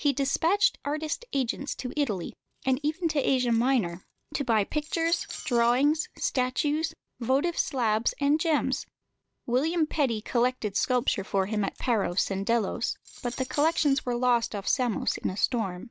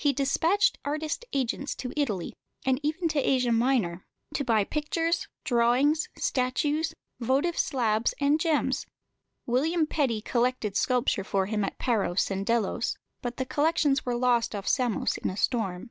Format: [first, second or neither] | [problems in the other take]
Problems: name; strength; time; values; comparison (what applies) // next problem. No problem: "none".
second | background sound (Cutlery, silverware); 20 dB below the speech